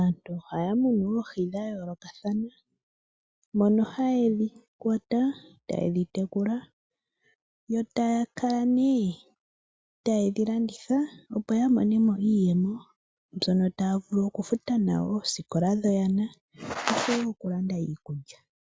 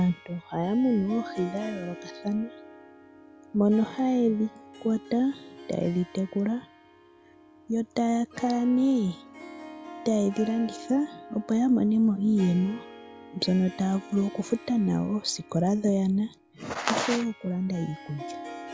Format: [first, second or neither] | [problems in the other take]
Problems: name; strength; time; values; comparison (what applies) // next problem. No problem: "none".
first | background sound (Harp); 17 dB below the speech